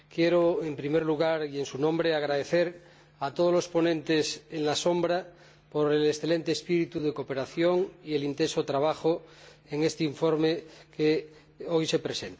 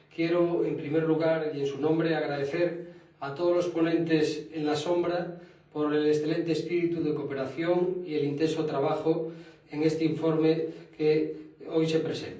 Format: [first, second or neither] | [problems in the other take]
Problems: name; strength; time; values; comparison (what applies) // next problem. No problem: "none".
first | room echo; dies away in 0.6 s